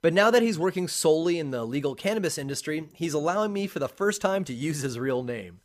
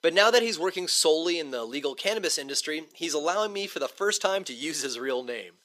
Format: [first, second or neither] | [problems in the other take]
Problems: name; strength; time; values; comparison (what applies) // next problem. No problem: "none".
first | thin; somewhat; fading below 300 Hz